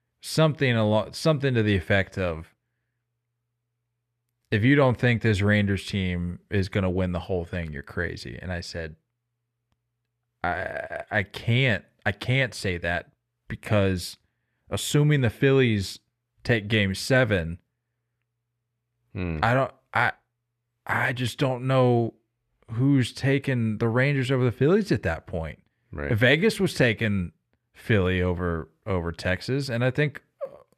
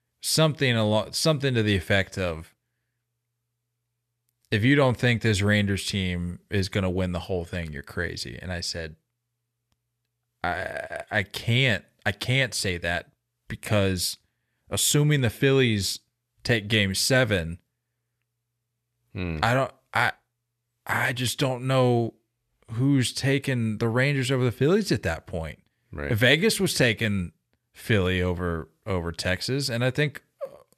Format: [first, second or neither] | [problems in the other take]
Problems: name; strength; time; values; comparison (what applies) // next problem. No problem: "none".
second | muffled; slightly; fading above 3.5 kHz